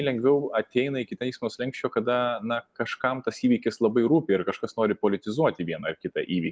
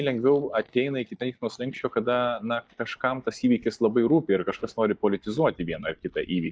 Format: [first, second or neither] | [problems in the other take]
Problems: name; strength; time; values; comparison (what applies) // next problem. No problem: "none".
first | noise reduction (neural mask model DeepFilterNet 3)